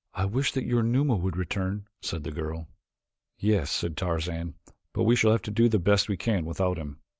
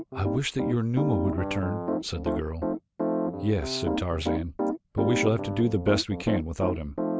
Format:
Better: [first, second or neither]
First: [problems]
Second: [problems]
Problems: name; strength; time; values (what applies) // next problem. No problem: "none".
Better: first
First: none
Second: background sound (Piano); 2 dB below the speech